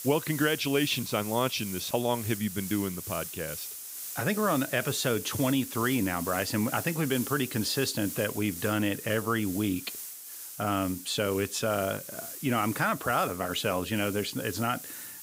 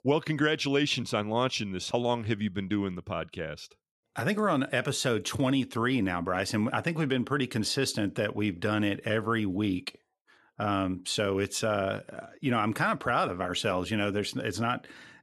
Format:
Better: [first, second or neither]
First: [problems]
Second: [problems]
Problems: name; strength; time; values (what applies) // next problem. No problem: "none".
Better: second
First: hiss; loud; throughout; 8 dB below the speech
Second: none